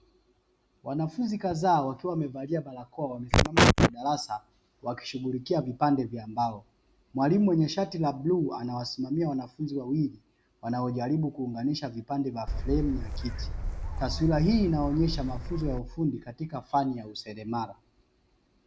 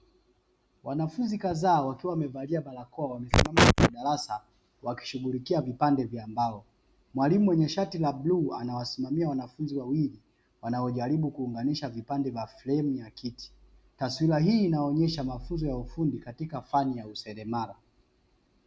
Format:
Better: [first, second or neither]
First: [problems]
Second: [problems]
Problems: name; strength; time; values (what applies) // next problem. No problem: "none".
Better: second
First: background sound (Gull, seagull / Wind); 4 dB below the speech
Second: none